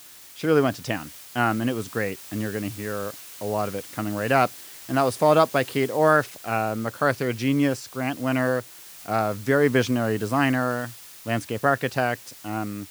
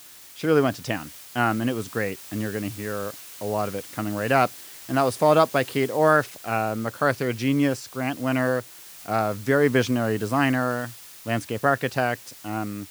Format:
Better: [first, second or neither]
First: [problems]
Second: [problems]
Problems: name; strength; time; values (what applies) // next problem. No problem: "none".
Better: neither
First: hiss; noticeable; throughout; 15 dB below the speech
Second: hiss; noticeable; throughout; 15 dB below the speech